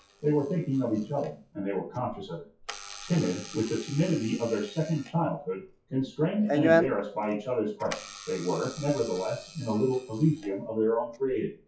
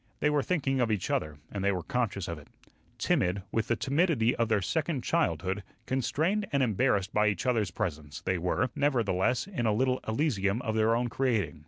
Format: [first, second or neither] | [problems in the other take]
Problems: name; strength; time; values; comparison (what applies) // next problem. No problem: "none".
second | noise reduction (classical method WPE with log-MMSE)